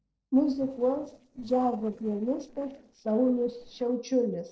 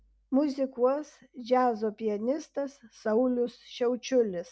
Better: second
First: noise reduction (neural separator model SepFormer DNS4)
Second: none

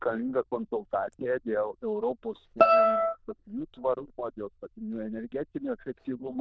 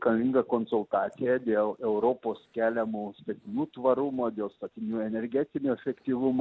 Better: second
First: noise reduction (neural diffusion model UNIVERSE++)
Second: none

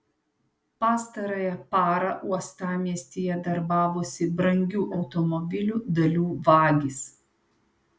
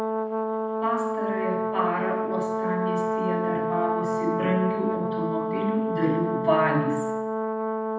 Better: first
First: none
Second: background sound (Brass instrument); 1 dB above the speech // room echo; dies away in 0.8 s

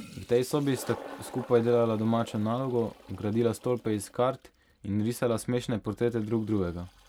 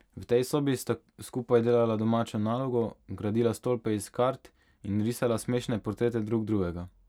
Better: second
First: background sound (Toilet flush); 20 dB below the speech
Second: none

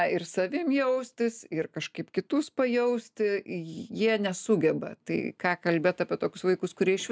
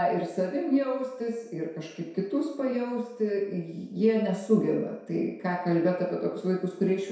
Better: first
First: none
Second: room echo; dies away in 0.7 s

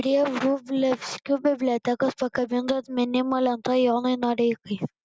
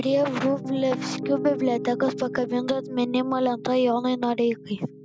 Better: first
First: none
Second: background sound (Piano); 10 dB below the speech

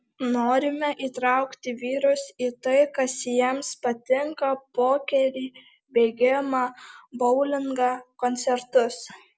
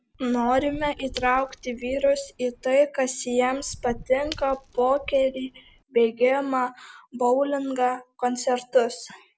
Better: first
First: none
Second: background sound (Shatter / Crushing); 18 dB below the speech

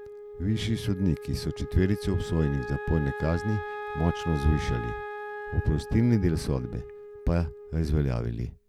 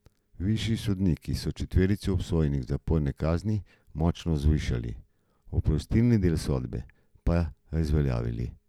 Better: second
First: background sound (Wind instrument, woodwind instrument); 11 dB below the speech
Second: none

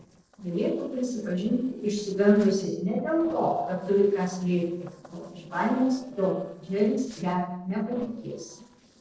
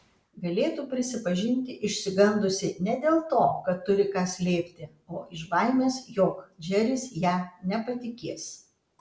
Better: second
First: noise reduction (neural separator model SepFormer DNS4)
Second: none

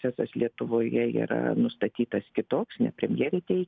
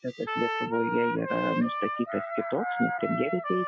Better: first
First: none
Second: noise reduction (classical method Wiener filter)

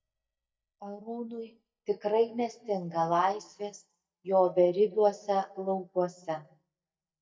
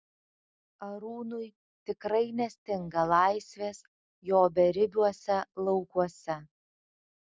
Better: second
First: noise reduction (neural mask model DeepFilterNet 3)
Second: none

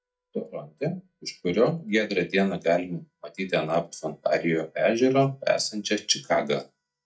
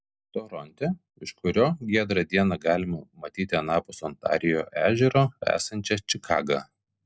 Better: second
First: noise reduction (neural mask model DeepFilterNet 3)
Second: none

